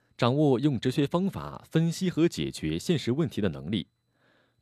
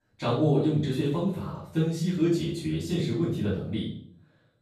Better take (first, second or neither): first